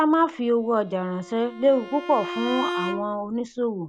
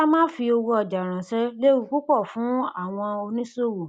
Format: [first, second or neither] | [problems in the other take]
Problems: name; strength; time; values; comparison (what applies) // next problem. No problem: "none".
second | background sound (Bowed string instrument); 10 dB below the speech